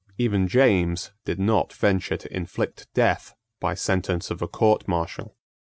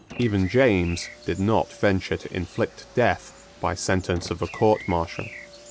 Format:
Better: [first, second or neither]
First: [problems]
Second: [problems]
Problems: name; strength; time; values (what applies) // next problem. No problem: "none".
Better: first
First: none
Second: background sound (Bird + Car); 18 dB below the speech